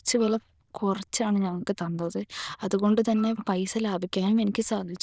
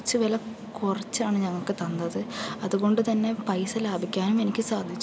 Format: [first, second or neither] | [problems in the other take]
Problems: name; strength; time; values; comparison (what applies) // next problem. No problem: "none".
second | noise reduction (neural diffusion model UNIVERSE++)